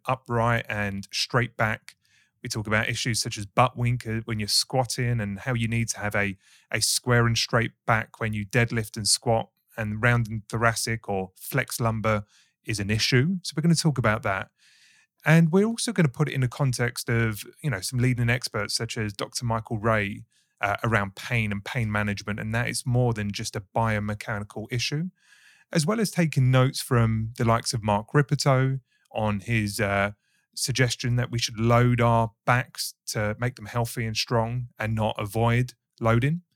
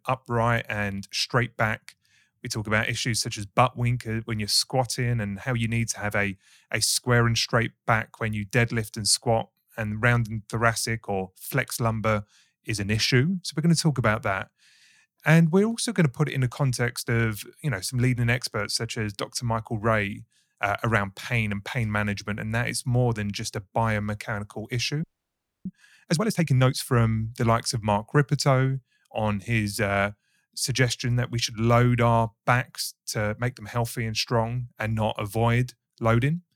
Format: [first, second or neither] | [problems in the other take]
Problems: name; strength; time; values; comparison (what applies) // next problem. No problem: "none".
first | audio freezing; at 25 s for 0.5 s